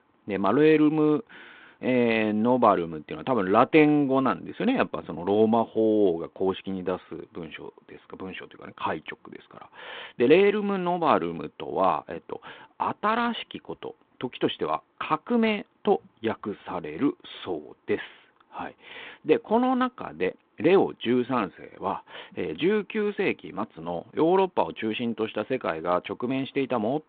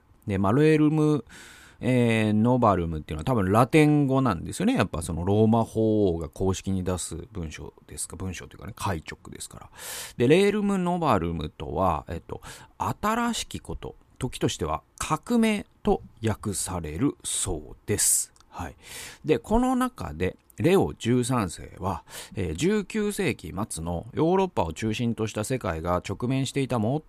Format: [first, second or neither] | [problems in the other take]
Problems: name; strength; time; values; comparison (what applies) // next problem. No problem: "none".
second | phone-call audio; nothing above 3.5 kHz